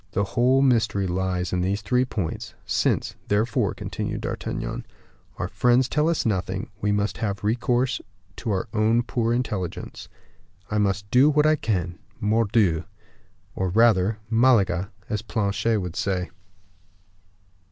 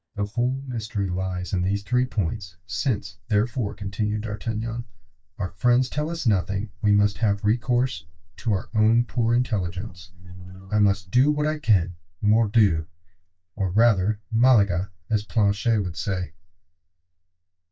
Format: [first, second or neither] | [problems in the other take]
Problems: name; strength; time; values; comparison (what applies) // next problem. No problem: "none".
first | noise reduction (neural mask model DeepFilterNet 3)